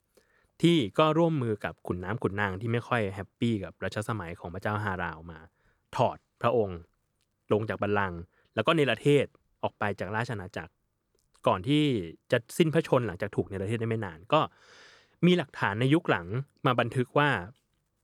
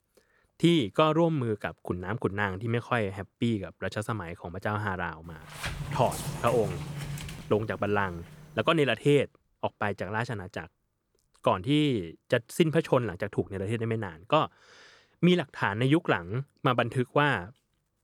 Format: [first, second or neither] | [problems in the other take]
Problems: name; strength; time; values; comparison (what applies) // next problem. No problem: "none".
first | door banging; noticeable; from 5.5 to 8.5 s; peak 6 dB below the speech